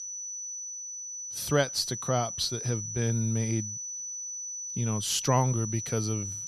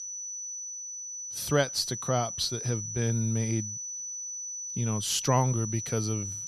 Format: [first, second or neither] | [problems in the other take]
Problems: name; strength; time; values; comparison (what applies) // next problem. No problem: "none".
neither | high-pitched whine; loud; throughout; 6 kHz, 5 dB below the speech; the same in both